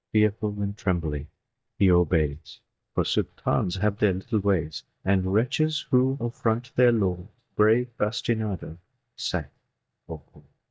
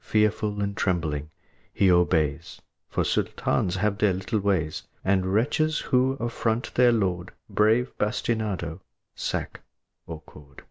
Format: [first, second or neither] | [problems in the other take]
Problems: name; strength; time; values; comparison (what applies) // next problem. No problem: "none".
second | noise reduction (neural mask model DeepFilterNet 3)